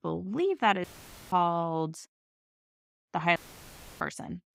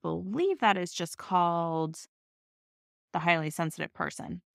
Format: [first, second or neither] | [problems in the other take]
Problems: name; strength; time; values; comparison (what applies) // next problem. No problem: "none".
second | audio cutting out; filled with static; at 1 s and at 3.5 s for 0.5 s